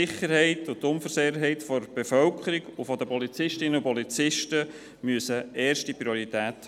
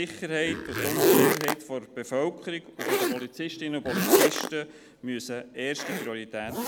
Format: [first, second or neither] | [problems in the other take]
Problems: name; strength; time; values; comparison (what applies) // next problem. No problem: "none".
first | background sound (Zipper (clothing)); 4 dB above the speech